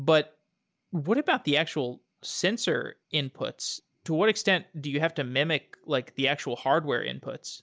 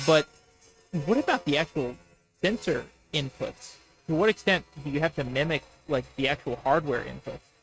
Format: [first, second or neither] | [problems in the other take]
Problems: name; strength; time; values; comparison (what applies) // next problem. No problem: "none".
first | noise reduction (neural mask model RNNoise)